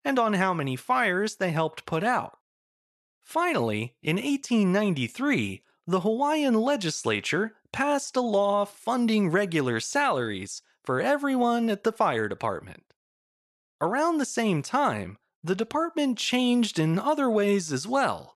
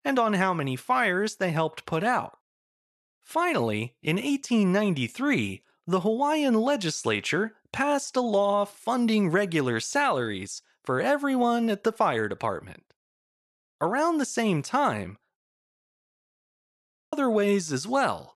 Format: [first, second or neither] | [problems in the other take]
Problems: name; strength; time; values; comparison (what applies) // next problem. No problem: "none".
first | audio cutting out; at 15 s for 1.5 s